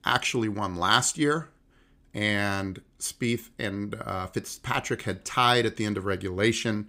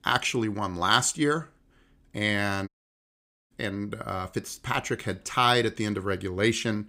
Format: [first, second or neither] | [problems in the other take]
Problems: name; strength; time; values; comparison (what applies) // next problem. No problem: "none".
first | audio cutting out; at 2.5 s for 1 s